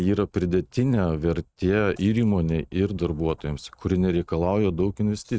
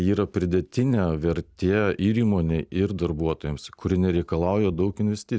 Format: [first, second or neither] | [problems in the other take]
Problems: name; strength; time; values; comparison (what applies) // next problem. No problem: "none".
second | noise reduction (neural mask model RNNoise)